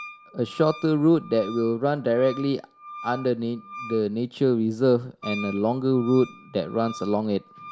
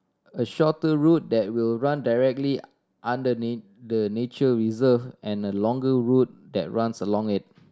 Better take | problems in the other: second | background sound (Wind instrument, woodwind instrument); 17 dB below the speech

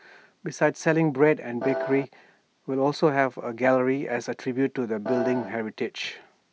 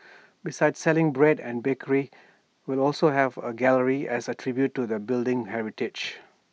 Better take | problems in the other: second | background sound (Piano); 4 dB below the speech

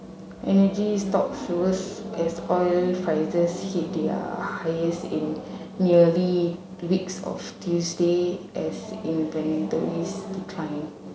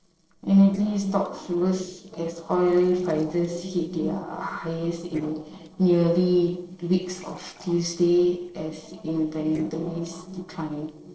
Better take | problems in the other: first | noise reduction (neural separator model SepFormer DNS4)

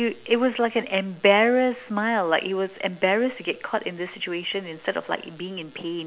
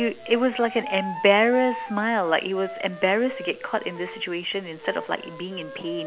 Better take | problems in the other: first | background sound (Wind instrument, woodwind instrument); 13 dB below the speech

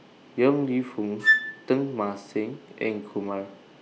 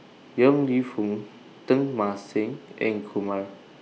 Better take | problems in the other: second | background sound (Wind instrument, woodwind instrument); 1 dB above the speech

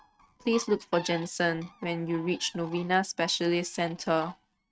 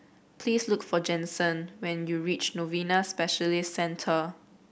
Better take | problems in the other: second | noise reduction (neural mask model RNNoise)

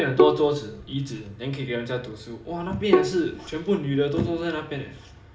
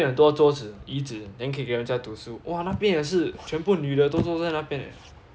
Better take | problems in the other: second | background sound (Bowed string instrument); as loud as the speech // room echo; dies away in 0.5 s

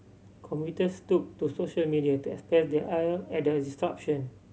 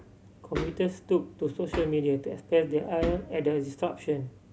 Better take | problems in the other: first | background sound (Hammer); 12 dB below the speech

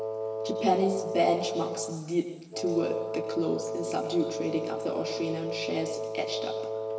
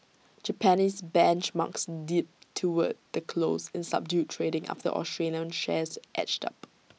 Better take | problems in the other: second | background sound (Wind instrument, woodwind instrument); 3 dB below the speech // room echo; dies away in 1.4 s

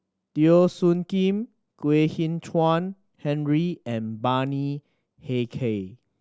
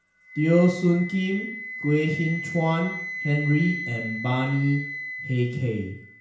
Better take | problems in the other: first | background sound (Wind instrument, woodwind instrument); 10 dB below the speech // room echo; dies away in 0.5 s

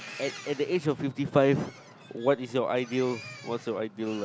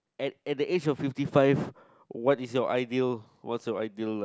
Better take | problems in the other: second | background sound (Boat, Water vehicle); 17 dB below the speech

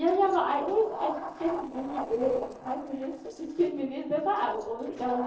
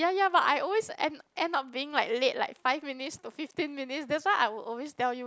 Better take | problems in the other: second | noise reduction (neural separator model SepFormer DNS4)

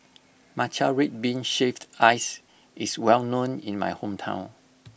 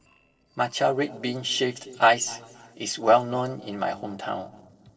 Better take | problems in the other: first | noise reduction (neural separator model SepFormer DNS4)

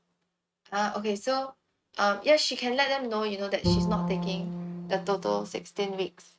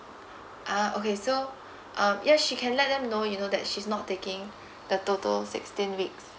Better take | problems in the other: second | noise reduction (neural mask model RNNoise)

